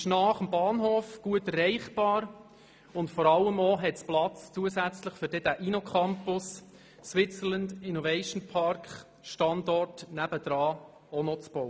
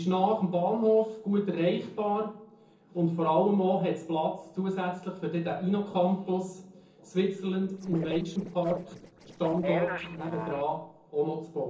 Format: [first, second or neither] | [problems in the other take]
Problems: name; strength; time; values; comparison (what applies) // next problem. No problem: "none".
first | noise reduction (neural separator model SepFormer DNS4)